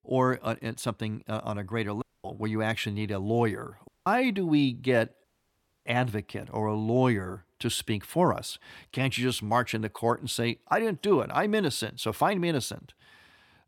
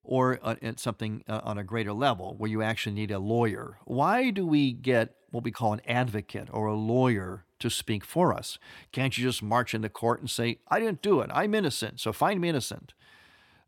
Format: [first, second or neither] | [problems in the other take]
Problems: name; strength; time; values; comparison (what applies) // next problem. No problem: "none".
second | audio cutting out; at 2 s, at 4 s and at 5 s for 0.5 s